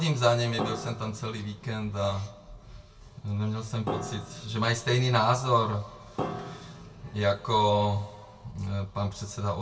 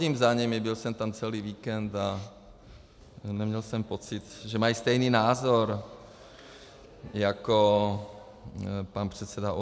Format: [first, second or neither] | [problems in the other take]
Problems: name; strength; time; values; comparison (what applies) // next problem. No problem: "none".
second | background sound (Piano); 11 dB below the speech // room echo; dies away in 0.2 s